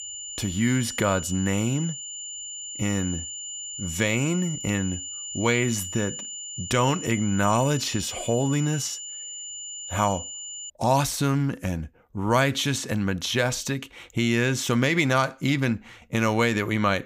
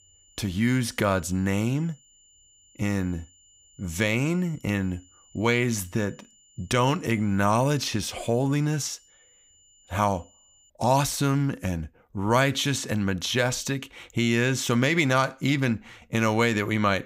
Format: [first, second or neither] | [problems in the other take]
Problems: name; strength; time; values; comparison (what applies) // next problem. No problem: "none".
second | high-pitched whine; loud; until 11 s; 7 kHz, 8 dB below the speech; faint in the second